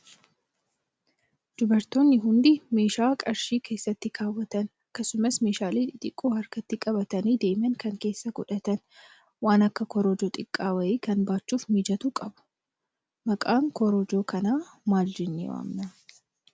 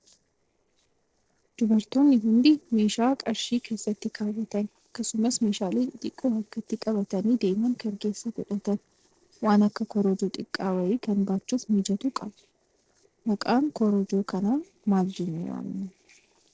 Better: first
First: none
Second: noise reduction (neural separator model SepFormer DNS4)

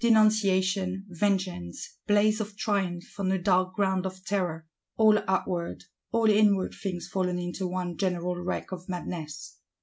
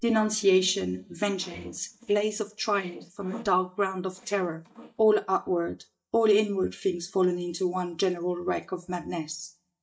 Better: first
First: none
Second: noise reduction (neural mask model DeepFilterNet 3)

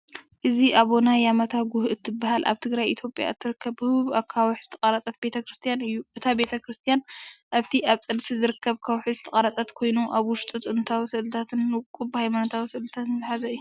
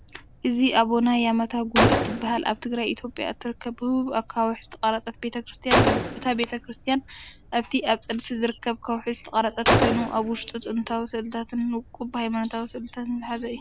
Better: first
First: none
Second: background sound (Gunshot, gunfire); 3 dB below the speech

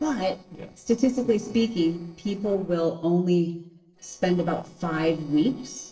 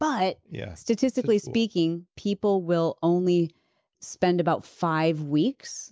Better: second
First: noise reduction (neural separator model SepFormer DNS4)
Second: none

